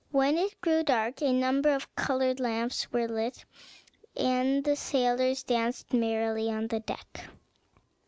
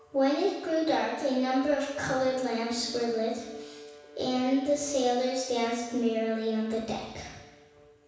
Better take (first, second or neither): first